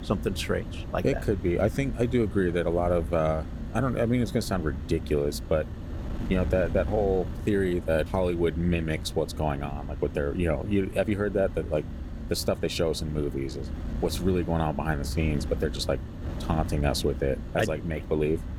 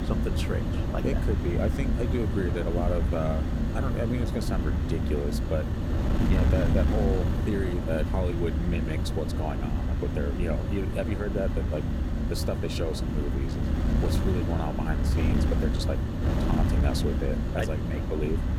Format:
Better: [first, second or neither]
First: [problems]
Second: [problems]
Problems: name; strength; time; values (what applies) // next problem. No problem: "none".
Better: first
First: wind noise on the microphone; occasional gusts; 15 dB below the speech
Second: wind noise on the microphone; heavy; 2 dB below the speech